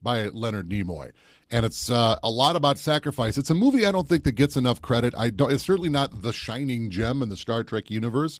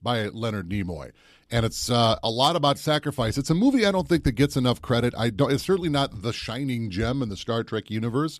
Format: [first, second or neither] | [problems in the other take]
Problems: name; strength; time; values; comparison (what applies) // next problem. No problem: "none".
second | garbled, watery; slightly; nothing above 15.5 kHz